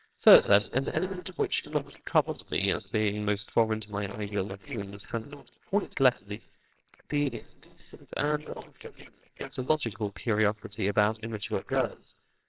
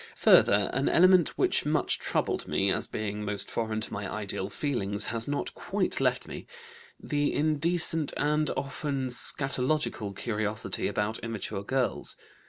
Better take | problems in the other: second | noise reduction (neural separator model SepFormer WHAMR!)

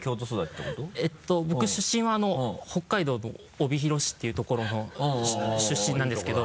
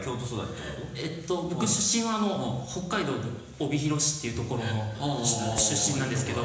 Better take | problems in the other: first | background sound (Rattle (instrument)); 8 dB below the speech // room echo; dies away in 1 s

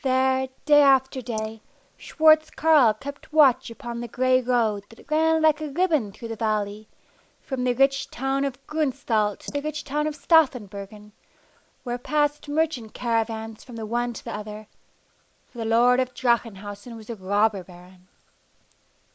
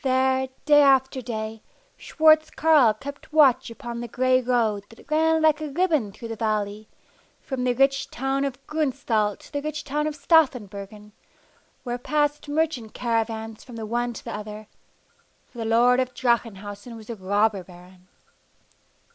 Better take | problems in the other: second | noise reduction (neural mask model Resemble Enhance denoiser)

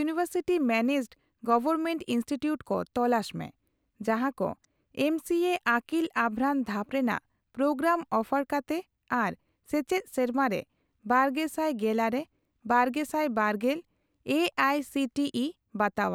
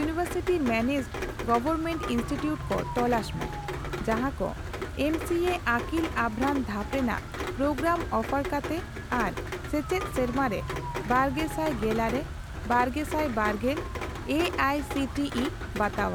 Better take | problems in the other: first | background sound (Rain); 5 dB below the speech

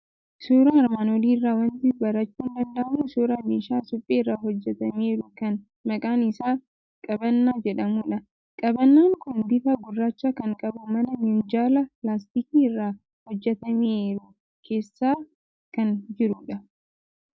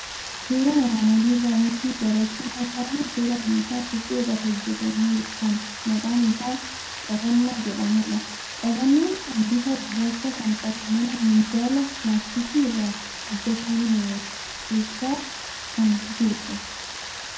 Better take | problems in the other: first | background sound (Rain); 10 dB below the speech // room echo; dies away in 0.5 s

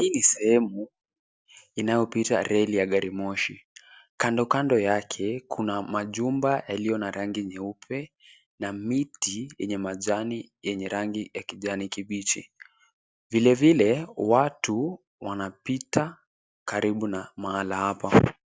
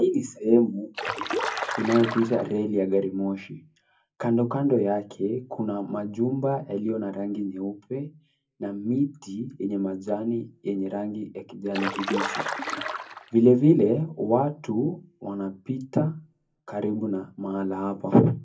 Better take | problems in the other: first | background sound (Stream); 5 dB below the speech // room echo; dies away in 0.4 s

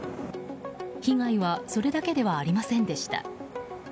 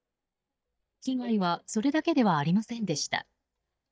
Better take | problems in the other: first | noise reduction (neural mask model DeepFilterNet 3)

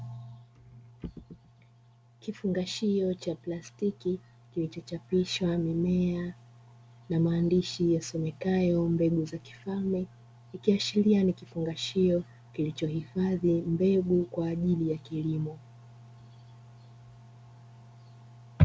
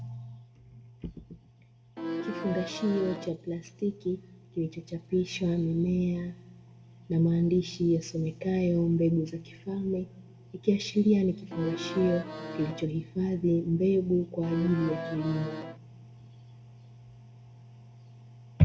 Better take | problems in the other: first | background sound (Accordion); 6 dB below the speech // room echo; dies away in 0.9 s

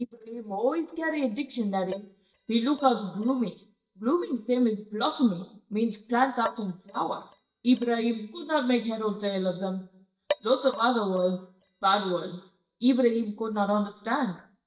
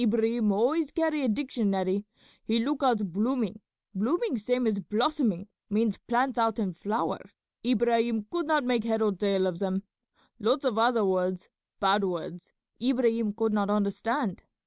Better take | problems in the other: second | noise reduction (neural mask model DeepFilterNet 3)

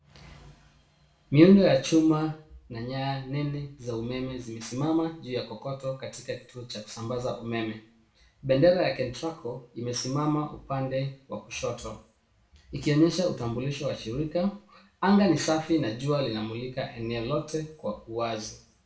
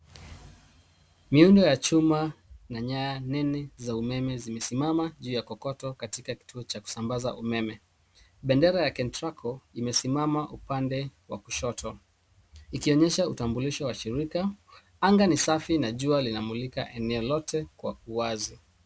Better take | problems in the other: second | room echo; dies away in 0.4 s

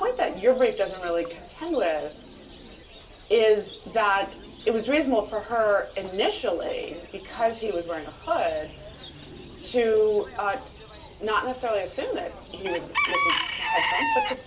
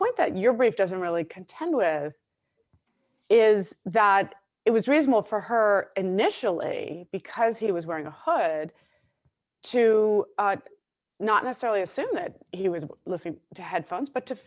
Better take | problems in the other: second | background sound (Bird / Chicken, rooster); 8 dB below the speech // room echo; dies away in 0.2 s

